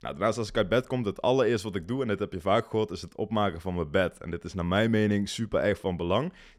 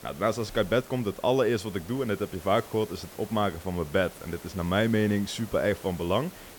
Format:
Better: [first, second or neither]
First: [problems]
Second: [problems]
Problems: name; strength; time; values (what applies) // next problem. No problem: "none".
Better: first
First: none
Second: hiss; noticeable; throughout; 20 dB below the speech